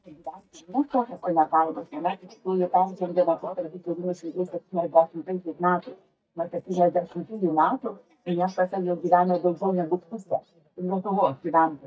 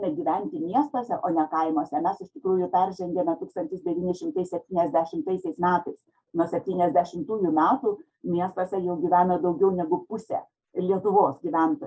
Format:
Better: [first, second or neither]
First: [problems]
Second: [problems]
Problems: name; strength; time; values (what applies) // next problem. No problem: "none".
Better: second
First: noise reduction (neural mask model DeepFilterNet 3)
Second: none